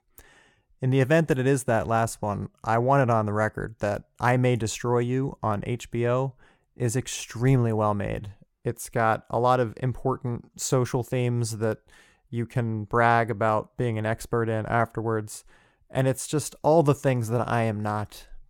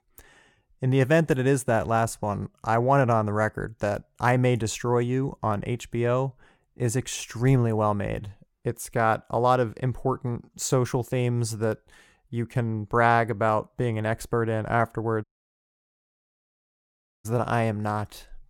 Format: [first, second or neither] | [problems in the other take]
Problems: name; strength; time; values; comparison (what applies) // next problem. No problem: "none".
first | audio cutting out; at 15 s for 2 s